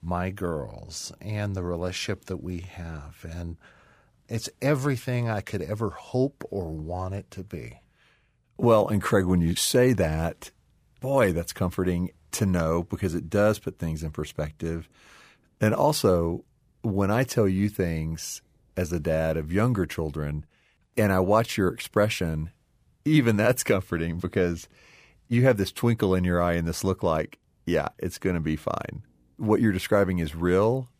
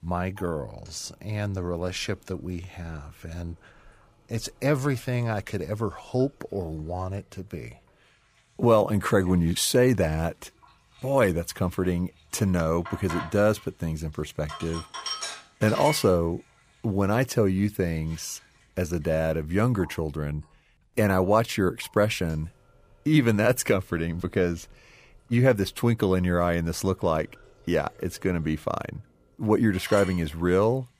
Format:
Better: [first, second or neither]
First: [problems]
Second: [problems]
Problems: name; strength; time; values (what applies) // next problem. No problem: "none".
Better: first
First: none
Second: household noises; noticeable; throughout; 15 dB below the speech